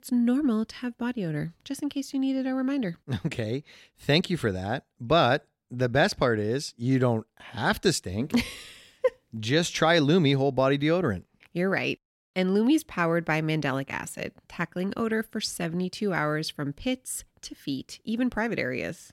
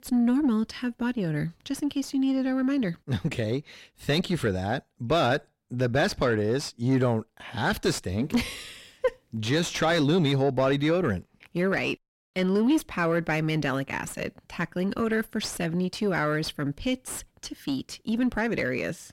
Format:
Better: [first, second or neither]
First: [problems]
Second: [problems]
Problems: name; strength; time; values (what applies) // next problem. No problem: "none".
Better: first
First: none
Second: distortion; slight; 9 dB below the speech